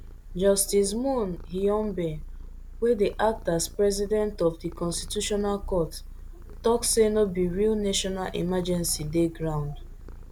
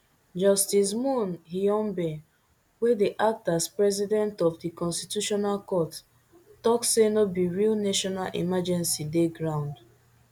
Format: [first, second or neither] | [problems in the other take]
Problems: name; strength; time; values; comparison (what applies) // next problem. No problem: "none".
second | background sound (Purr); 12 dB below the speech